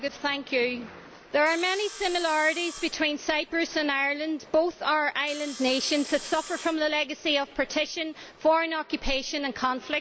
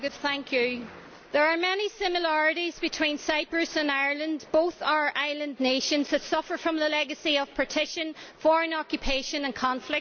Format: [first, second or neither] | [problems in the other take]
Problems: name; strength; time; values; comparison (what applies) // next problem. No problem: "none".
second | background sound (Sawing); 18 dB below the speech